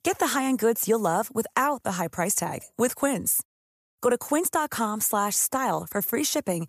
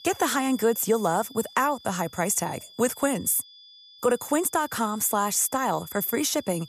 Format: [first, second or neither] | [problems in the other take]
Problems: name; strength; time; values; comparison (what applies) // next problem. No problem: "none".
first | high-pitched whine; faint; throughout; 3.5 kHz, 20 dB below the speech